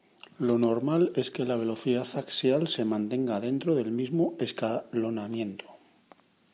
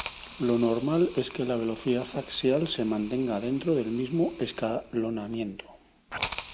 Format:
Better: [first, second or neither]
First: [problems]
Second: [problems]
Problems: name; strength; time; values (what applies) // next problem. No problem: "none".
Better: first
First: none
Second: background sound (Hiss); 15 dB below the speech